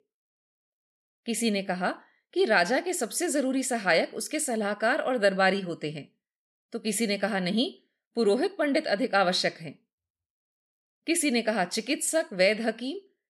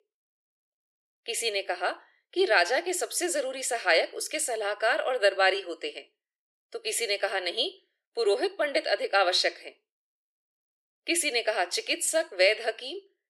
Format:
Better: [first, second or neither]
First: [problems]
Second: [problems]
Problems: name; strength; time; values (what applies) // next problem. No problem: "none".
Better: first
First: none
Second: thin; very; fading below 350 Hz